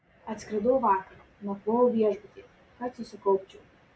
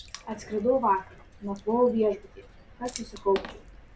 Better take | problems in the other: first | background sound (Water / Splash, splatter); 17 dB below the speech

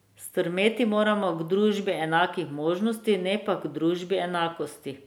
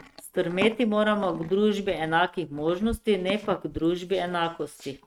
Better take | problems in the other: first | noise reduction (neural mask model RNNoise)

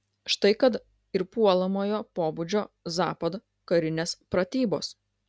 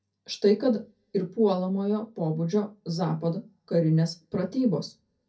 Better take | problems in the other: first | room echo; dies away in 0.3 s

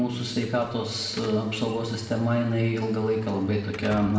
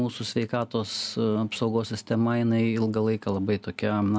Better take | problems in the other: second | background sound (Slam / Alarm); 20 dB below the speech // room echo; dies away in 0.9 s

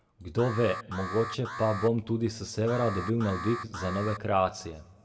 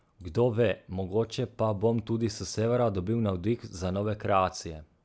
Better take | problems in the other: second | background sound (Alarm); 9 dB below the speech // room echo; dies away in 1.6 s

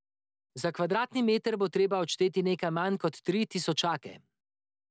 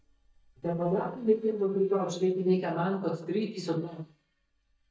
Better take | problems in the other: first | noise reduction (neural mask model DeepFilterNet 3)

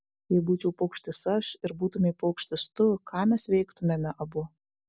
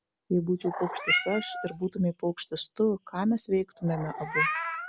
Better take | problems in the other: first | background sound (Meow); 5 dB below the speech

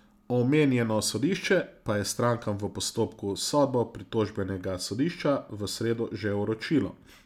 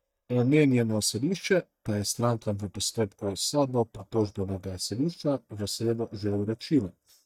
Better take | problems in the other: first | noise reduction (neural mask model DeepFilterNet 3)

